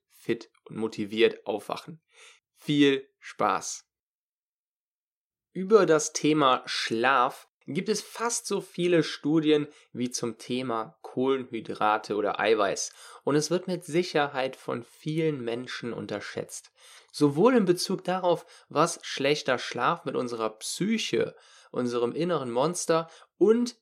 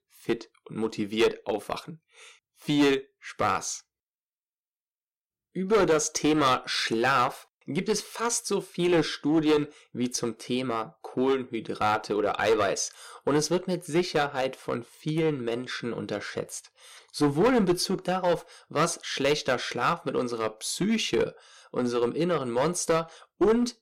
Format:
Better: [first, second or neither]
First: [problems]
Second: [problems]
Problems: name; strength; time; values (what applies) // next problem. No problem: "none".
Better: first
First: none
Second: distortion; slight; 4% of the sound clipped